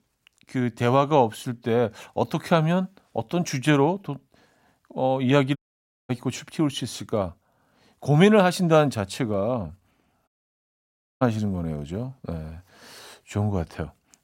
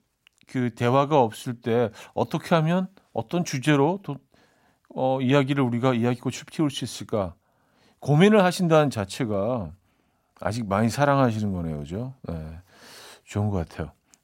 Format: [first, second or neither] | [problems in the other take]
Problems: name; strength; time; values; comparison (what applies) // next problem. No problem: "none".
second | audio cutting out; at 5.5 s for 0.5 s and at 10 s for 1 s